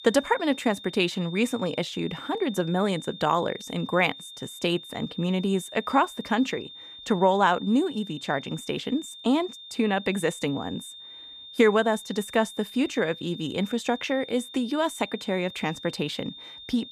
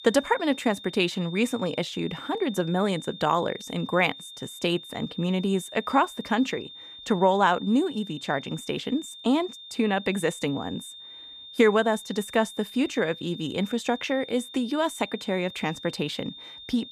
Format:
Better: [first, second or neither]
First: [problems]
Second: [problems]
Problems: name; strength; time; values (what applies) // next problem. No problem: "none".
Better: neither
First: high-pitched whine; noticeable; throughout; 3.5 kHz, 15 dB below the speech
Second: high-pitched whine; noticeable; throughout; 3.5 kHz, 15 dB below the speech